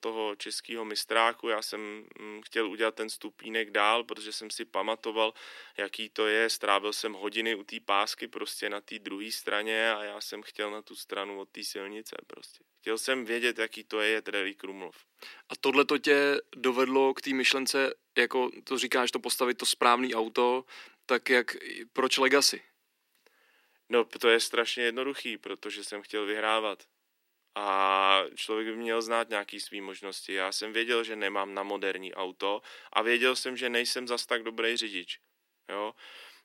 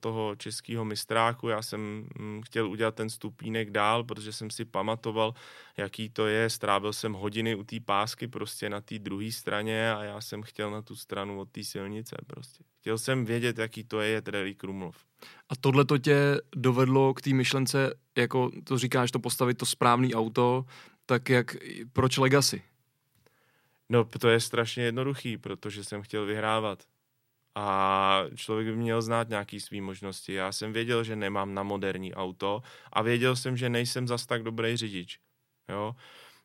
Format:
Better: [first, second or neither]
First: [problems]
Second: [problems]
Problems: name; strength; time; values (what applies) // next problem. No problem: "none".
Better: second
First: thin; somewhat; fading below 250 Hz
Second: none